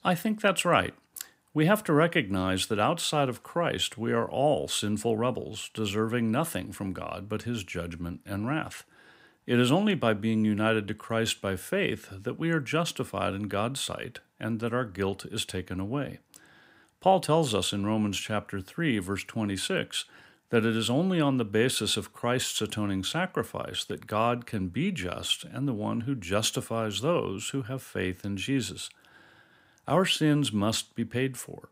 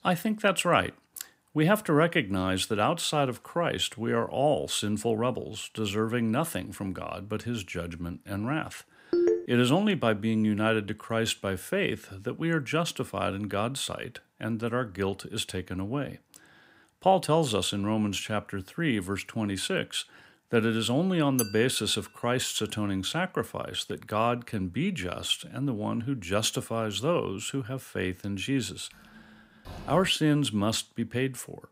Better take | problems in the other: first | phone ringing; loud; at 9 s; peak 3 dB above the speech // clattering dishes; noticeable; at 21 s; peak 4 dB below the speech // door banging; faint; from 29 to 30 s; peak 15 dB below the speech

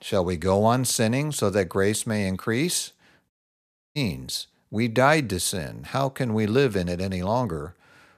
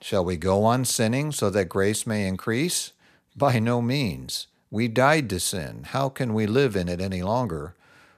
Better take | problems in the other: second | audio cutting out; at 3.5 s for 0.5 s

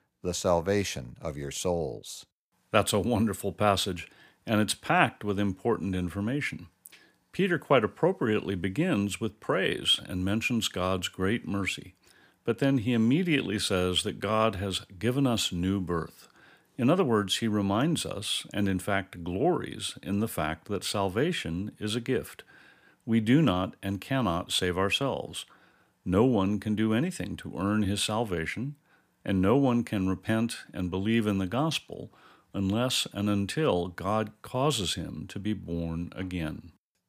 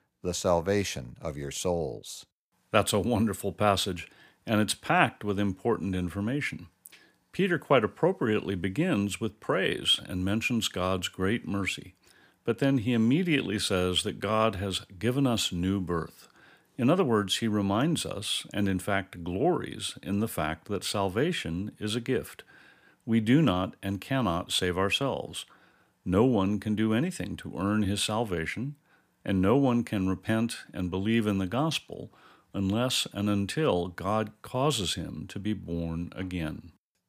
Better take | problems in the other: neither | none

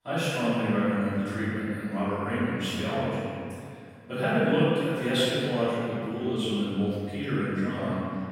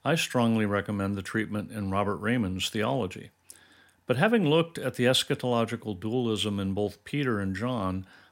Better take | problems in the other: second | off-mic speech; far // room echo; strong; dies away in 2.3 s

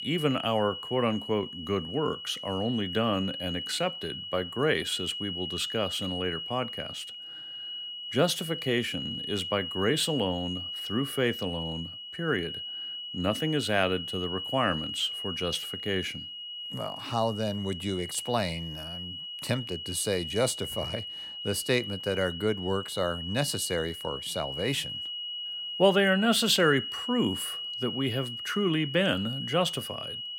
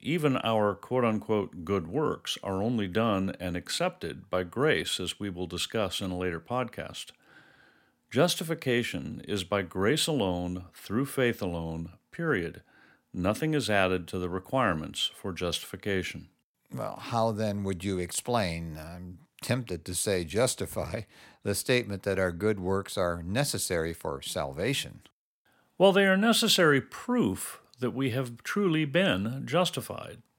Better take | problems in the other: second | high-pitched whine; loud; throughout; 3 kHz, 6 dB below the speech

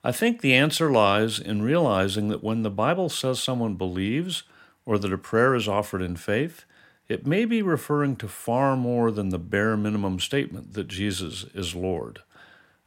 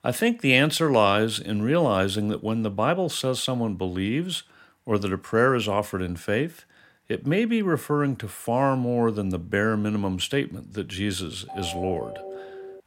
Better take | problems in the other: first | phone ringing; faint; from 11 s on; peak 10 dB below the speech

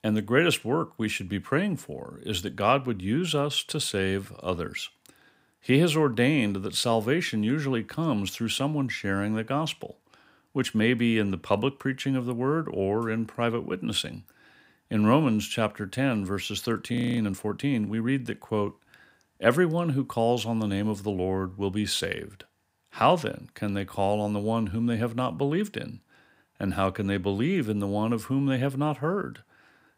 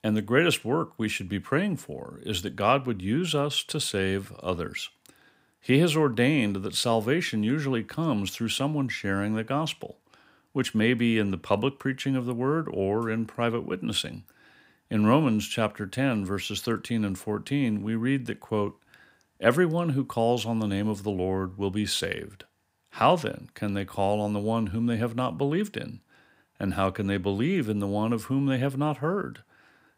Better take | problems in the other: second | audio freezing; at 17 s

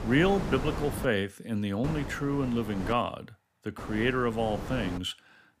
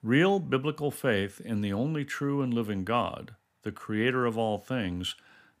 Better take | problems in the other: second | wind noise on the microphone; heavy; until 1 s, from 2 to 3 s and from 4 to 5 s; 10 dB below the speech

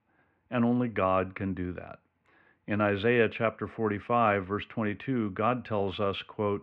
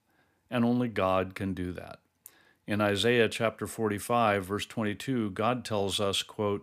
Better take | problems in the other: second | muffled; very; fading above 2.5 kHz

